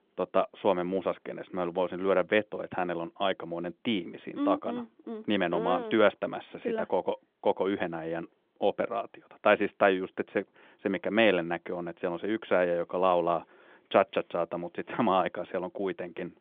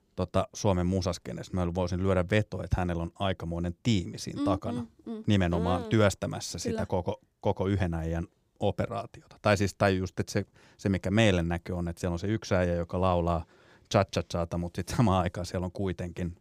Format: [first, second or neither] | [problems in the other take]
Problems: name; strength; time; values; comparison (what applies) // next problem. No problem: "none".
second | phone-call audio; nothing above 3.5 kHz